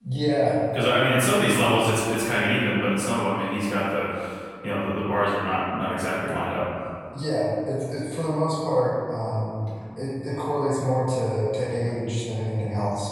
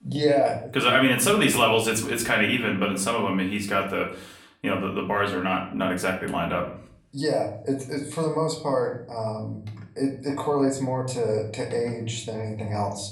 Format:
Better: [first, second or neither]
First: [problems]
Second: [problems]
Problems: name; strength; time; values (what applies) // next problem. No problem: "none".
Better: second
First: room echo; strong; dies away in 1.9 s // off-mic speech; far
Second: room echo; slight; dies away in 0.4 s // off-mic speech; far